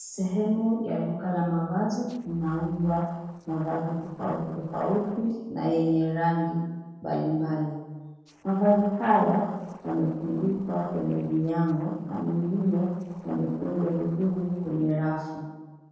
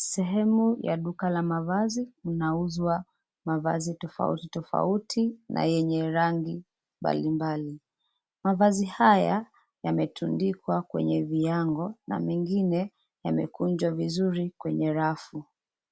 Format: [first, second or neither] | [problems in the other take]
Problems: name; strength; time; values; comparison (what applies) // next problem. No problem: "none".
second | noise reduction (neural separator model SepFormer DNS4)